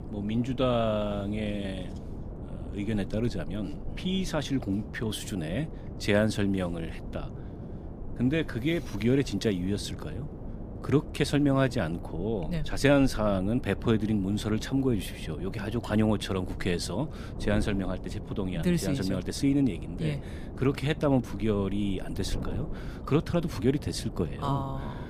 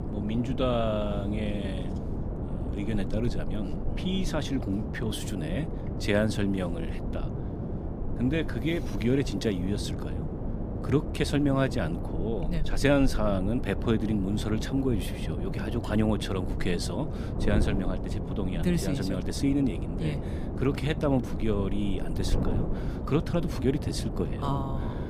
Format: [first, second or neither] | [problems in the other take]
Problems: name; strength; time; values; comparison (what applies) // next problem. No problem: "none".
first | wind noise on the microphone; heavy; 8 dB below the speech; occasional gusts in the first